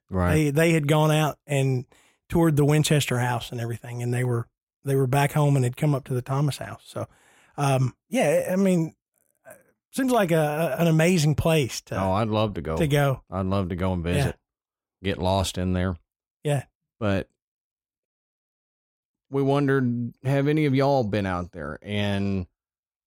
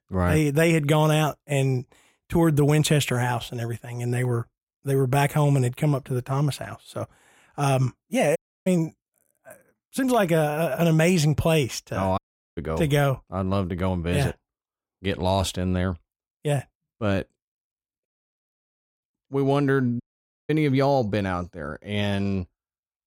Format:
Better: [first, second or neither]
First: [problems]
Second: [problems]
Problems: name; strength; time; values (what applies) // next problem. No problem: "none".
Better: first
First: none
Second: audio cutting out; at 8.5 s, at 12 s and at 20 s